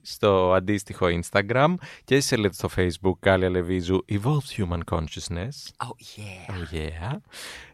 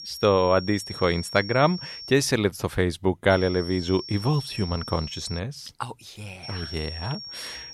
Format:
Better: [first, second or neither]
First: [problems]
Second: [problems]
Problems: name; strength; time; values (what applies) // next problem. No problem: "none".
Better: first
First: none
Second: high-pitched whine; noticeable; until 2 s, from 3.5 to 5.5 s and from 6.5 s on; 5.5 kHz, 10 dB below the speech